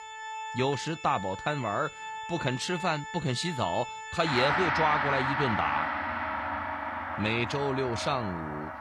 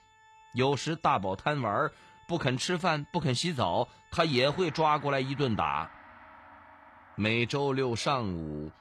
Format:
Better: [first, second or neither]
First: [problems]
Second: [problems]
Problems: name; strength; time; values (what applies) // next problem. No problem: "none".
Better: second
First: background music; loud; throughout; 3 dB below the speech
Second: background music; faint; throughout; 25 dB below the speech